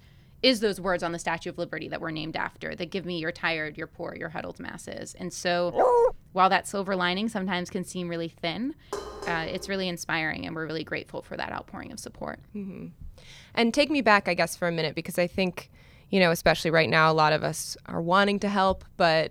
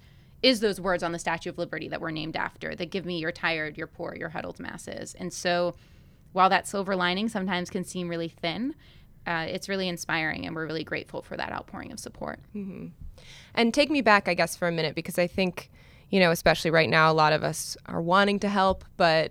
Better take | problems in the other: second | dog barking; loud; at 5.5 s; peak 6 dB above the speech // clattering dishes; noticeable; at 9 s; peak 10 dB below the speech

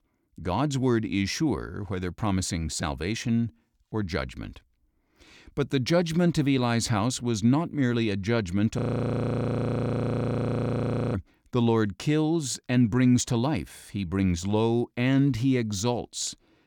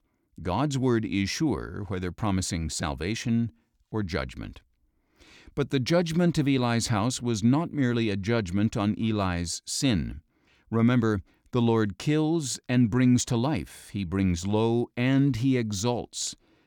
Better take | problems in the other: second | audio freezing; at 9 s for 2.5 s

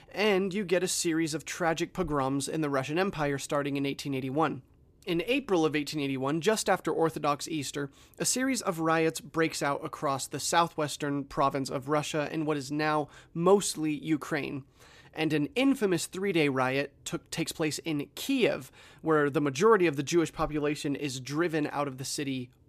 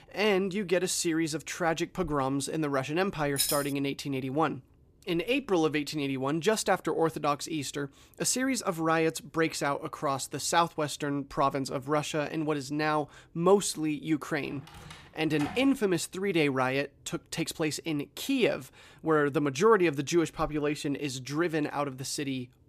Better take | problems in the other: first | jangling keys; loud; at 3.5 s; peak level with the speech // door banging; faint; from 15 to 16 s; peak 10 dB below the speech

